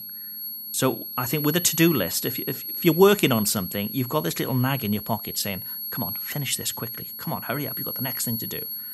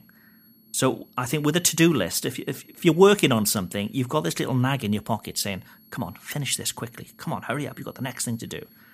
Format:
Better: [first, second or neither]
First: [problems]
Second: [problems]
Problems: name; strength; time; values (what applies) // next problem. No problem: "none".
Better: second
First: high-pitched whine; loud; throughout; 11.5 kHz, 6 dB below the speech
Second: high-pitched whine; faint; throughout; 11.5 kHz, 30 dB below the speech